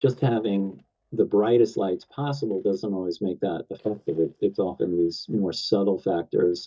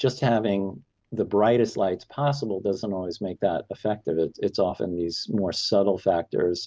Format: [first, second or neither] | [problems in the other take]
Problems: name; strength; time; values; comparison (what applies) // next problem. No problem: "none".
second | noise reduction (neural mask model DeepFilterNet 3)